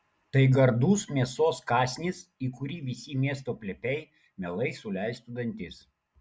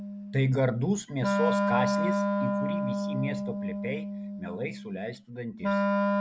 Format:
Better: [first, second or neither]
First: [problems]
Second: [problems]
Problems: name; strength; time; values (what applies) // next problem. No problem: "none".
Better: first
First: none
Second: background sound (Wind instrument, woodwind instrument); 2 dB above the speech